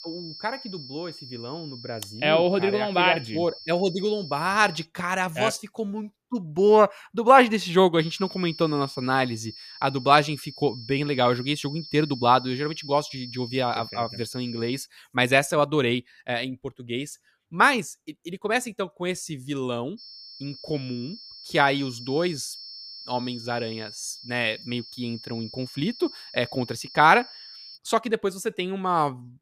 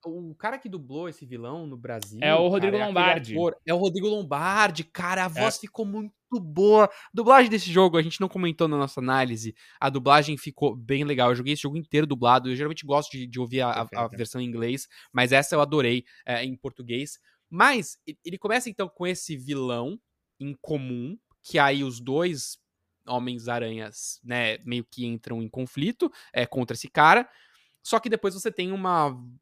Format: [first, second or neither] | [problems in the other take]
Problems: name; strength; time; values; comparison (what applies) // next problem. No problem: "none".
second | high-pitched whine; noticeable; until 5 s, from 8 to 15 s and from 20 to 28 s; 5.5 kHz, 15 dB below the speech